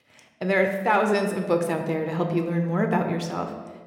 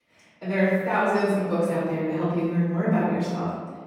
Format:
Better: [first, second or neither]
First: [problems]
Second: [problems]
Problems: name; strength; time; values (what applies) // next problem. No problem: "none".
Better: first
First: room echo; slight; dies away in 1 s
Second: room echo; strong; dies away in 1.5 s // off-mic speech; far